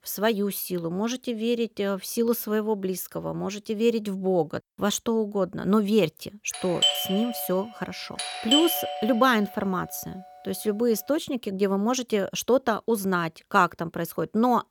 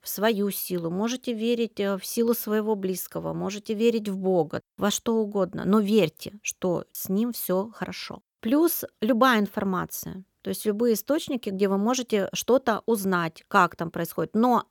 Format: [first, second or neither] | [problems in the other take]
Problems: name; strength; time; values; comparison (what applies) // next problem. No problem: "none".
second | doorbell; loud; from 6.5 to 9 s; peak 4 dB above the speech